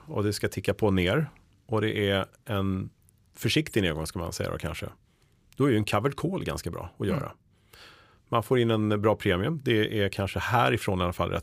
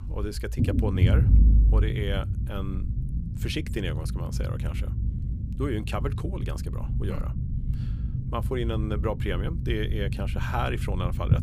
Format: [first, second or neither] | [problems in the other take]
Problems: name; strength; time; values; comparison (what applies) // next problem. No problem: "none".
first | low rumble; loud; throughout; 8 dB below the speech